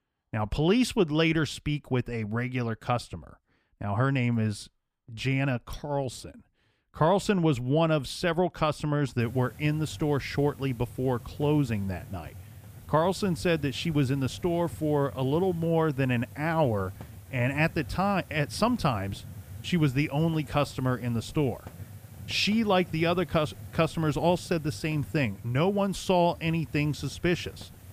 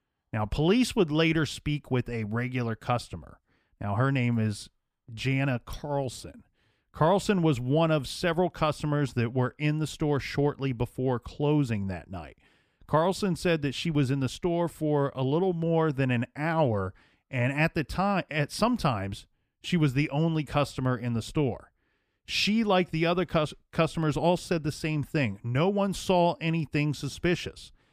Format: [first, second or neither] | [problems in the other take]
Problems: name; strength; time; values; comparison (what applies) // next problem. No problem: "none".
second | hiss; noticeable; from 9 s on; 20 dB below the speech